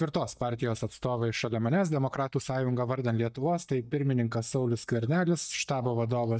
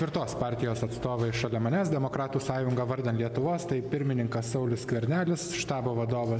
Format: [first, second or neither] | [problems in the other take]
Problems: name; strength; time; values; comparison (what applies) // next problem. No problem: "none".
second | noise reduction (neural mask model DeepFilterNet 3)